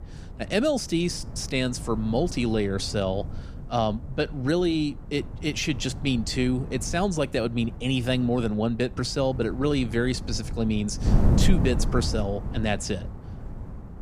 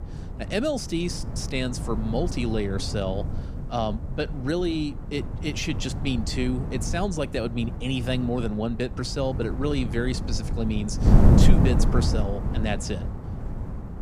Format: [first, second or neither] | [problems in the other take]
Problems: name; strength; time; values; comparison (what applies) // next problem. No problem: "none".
first | wind noise on the microphone; heavy; 6 dB below the speech; occasional gusts in the first